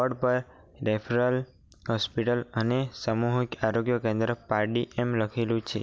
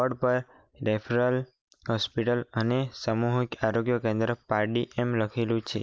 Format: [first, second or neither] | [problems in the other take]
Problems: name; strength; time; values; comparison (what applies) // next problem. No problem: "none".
first | noise reduction (neural mask model Resemble Enhance denoiser)